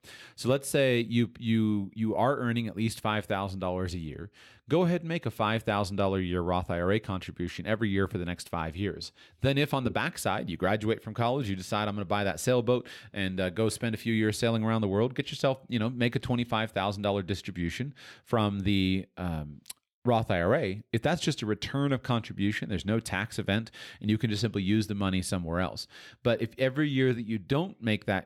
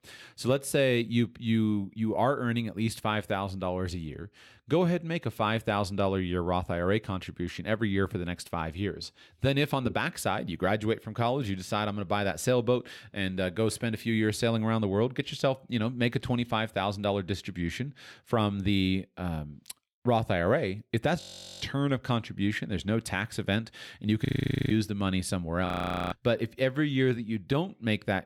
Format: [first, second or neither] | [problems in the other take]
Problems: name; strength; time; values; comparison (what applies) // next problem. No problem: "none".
first | audio freezing; at 21 s, at 24 s and at 26 s